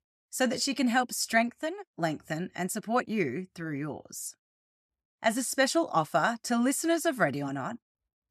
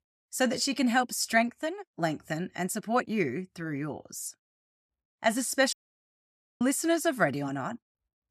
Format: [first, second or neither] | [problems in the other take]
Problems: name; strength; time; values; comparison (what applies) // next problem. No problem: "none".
first | audio cutting out; at 5.5 s for 1 s